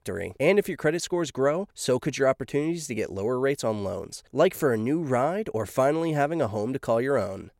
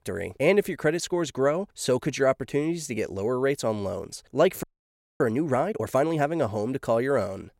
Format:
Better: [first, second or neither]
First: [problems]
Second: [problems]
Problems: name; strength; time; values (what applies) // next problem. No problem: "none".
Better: first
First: none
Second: audio freezing; at 4.5 s for 0.5 s